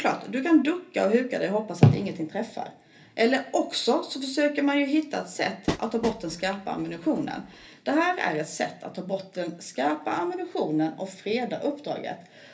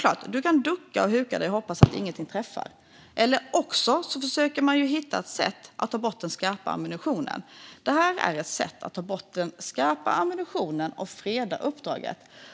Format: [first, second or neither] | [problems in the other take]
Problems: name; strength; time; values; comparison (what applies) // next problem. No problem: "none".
second | background sound (Train); 10 dB below the speech // room echo; dies away in 0.3 s